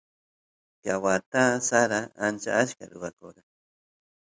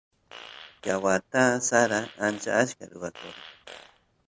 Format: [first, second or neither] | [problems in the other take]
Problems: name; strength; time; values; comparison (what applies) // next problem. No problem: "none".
first | background sound (Fart); 20 dB below the speech